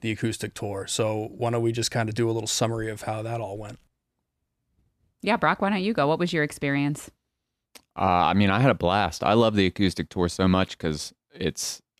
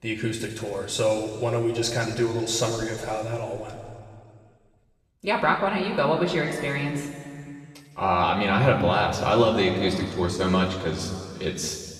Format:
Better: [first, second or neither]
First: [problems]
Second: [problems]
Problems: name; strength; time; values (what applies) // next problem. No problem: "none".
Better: first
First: none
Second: room echo; noticeable; dies away in 2.1 s // off-mic speech; somewhat distant